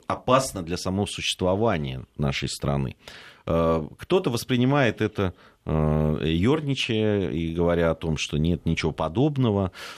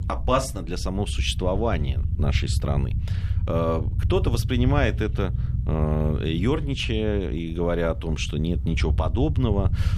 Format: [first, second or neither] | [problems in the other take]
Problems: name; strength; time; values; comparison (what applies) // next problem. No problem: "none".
first | low rumble; noticeable; throughout; 15 dB below the speech